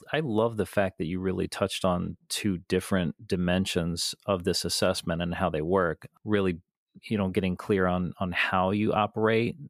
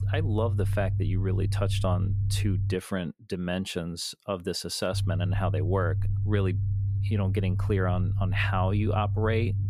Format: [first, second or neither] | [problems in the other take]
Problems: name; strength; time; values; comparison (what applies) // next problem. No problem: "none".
first | low rumble; noticeable; until 2.5 s and from 5 s on; 10 dB below the speech